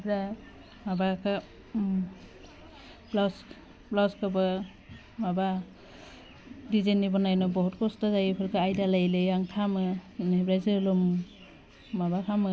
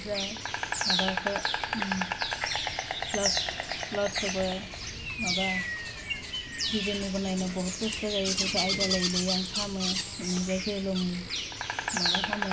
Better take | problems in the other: first | background sound (Insect); 2 dB above the speech // room echo; dies away in 0.2 s

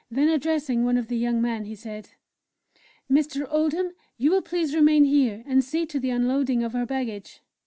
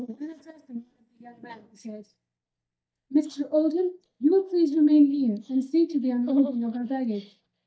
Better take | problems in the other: first | noise reduction (neural mask model DeepFilterNet 3)

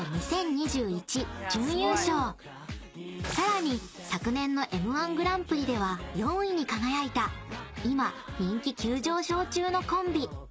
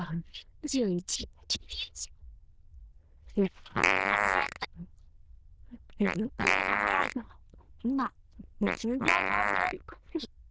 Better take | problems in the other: first | noise reduction (neural diffusion model UNIVERSE++)

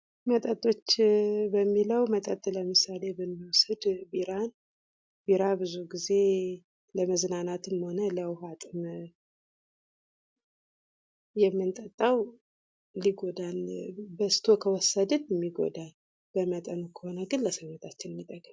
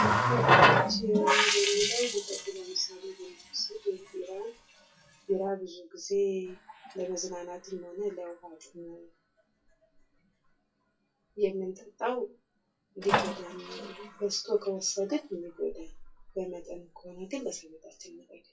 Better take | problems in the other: first | noise reduction (classical method WPE with log-MMSE)

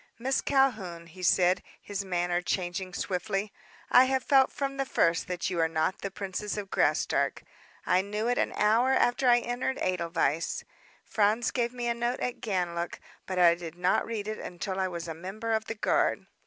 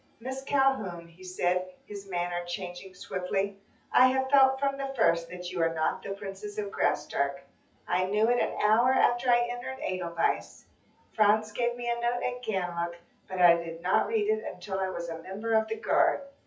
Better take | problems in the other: first | noise reduction (classical method WPE with log-MMSE)

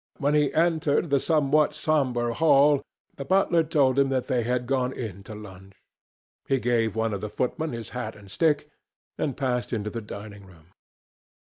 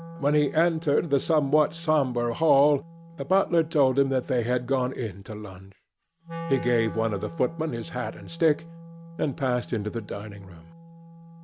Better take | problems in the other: first | background sound (Wind instrument, woodwind instrument); 15 dB below the speech

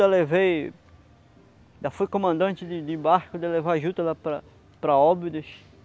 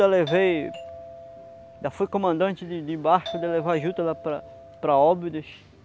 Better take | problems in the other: first | background sound (Doorbell); 15 dB below the speech

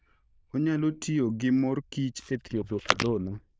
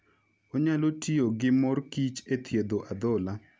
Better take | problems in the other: second | noise reduction (neural diffusion model UNIVERSE++)

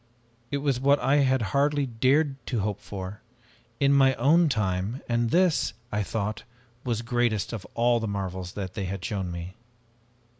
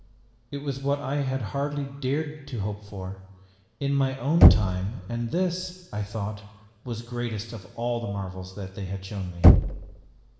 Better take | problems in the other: first | background sound (Knock); 2 dB above the speech // room echo; dies away in 1.1 s

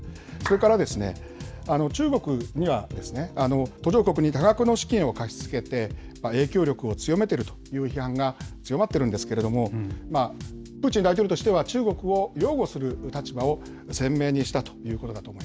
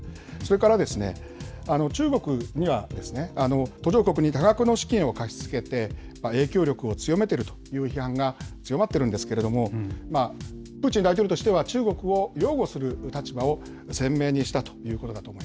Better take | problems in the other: second | background sound (Clapping); 12 dB below the speech

